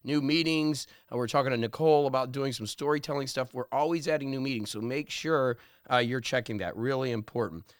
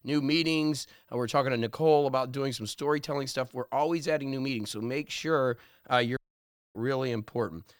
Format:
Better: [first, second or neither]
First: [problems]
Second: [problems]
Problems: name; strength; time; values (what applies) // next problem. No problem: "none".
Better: first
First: none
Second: audio cutting out; at 6 s for 0.5 s